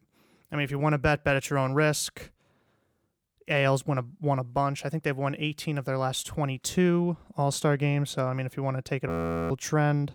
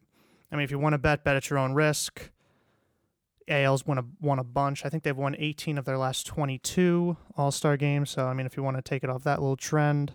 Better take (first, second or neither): second